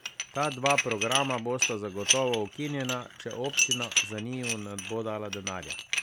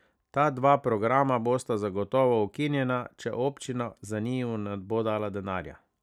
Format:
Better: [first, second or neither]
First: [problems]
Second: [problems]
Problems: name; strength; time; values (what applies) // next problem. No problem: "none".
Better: second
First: background sound (Dishes, pots, and pans); as loud as the speech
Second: none